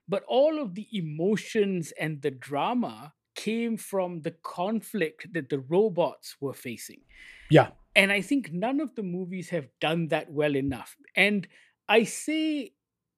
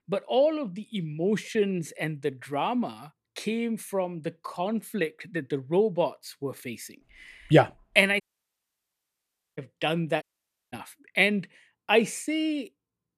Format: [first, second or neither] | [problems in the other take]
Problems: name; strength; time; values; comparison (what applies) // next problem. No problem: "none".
first | audio cutting out; at 8 s for 1.5 s and at 10 s for 0.5 s